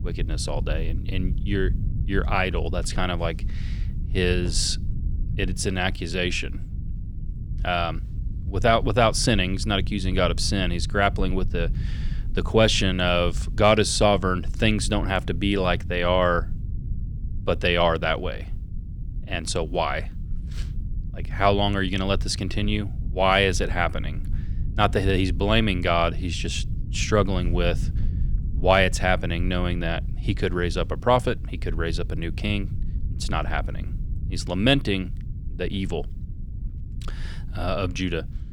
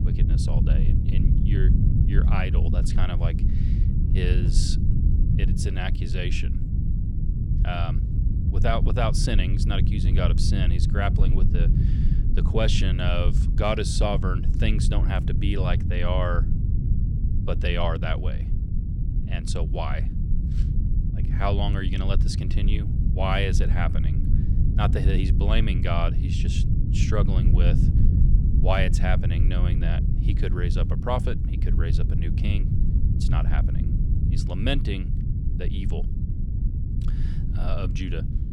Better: first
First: low rumble; faint; throughout; 20 dB below the speech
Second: low rumble; loud; throughout; 7 dB below the speech

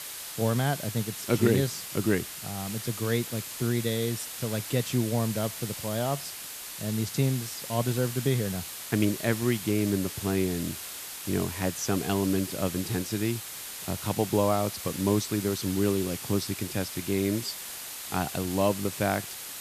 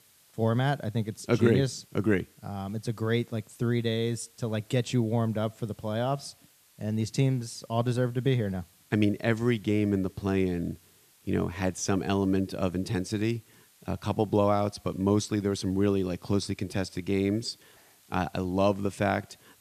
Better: second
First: hiss; loud; throughout; 7 dB below the speech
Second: hiss; faint; throughout; 30 dB below the speech

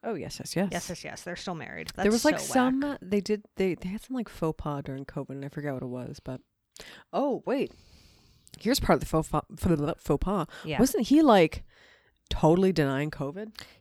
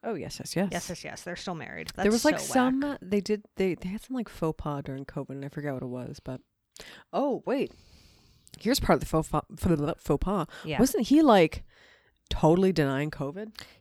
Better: neither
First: none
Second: none

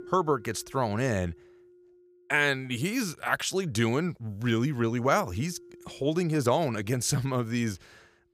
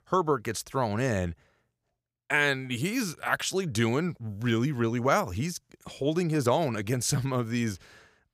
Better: second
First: background music; faint; throughout; 25 dB below the speech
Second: none

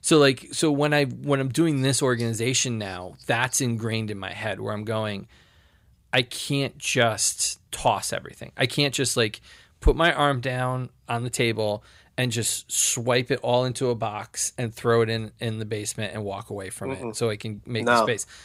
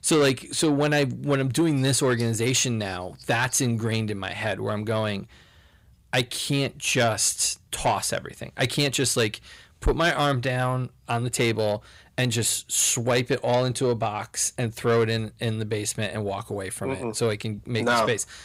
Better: first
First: none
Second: distortion; slight; 10 dB below the speech

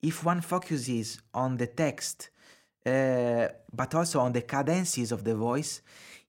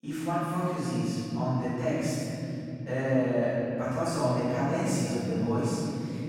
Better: first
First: none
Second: room echo; strong; dies away in 3 s // off-mic speech; far

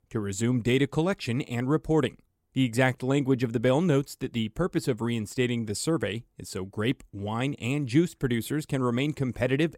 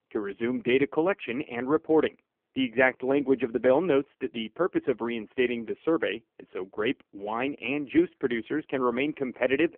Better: first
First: none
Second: phone-call audio; poor line; nothing above 3 kHz

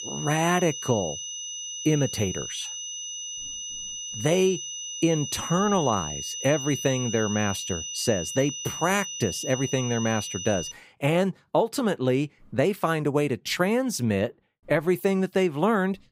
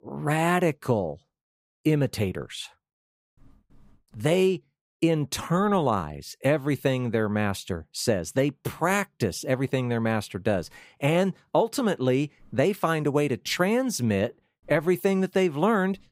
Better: second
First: high-pitched whine; loud; until 11 s; 6 kHz, 6 dB below the speech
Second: none

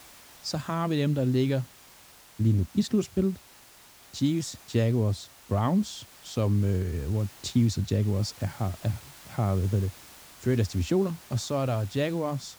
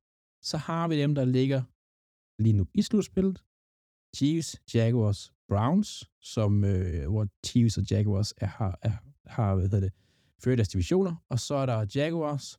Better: second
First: hiss; faint; throughout; 20 dB below the speech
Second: none

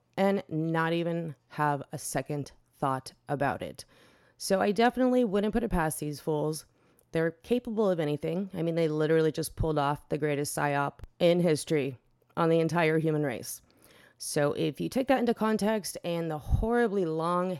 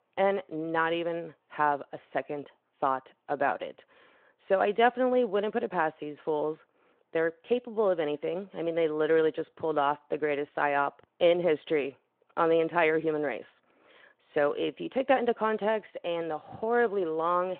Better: first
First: none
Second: phone-call audio

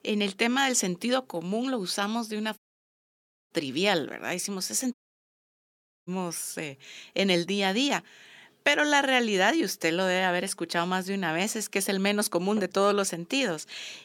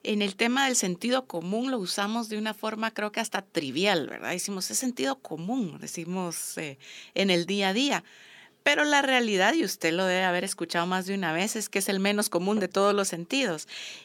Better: second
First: audio cutting out; at 2.5 s for 1 s and at 5 s for 1 s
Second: none

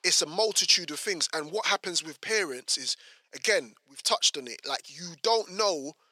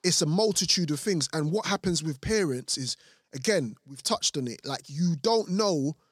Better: second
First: thin; very; fading below 600 Hz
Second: none

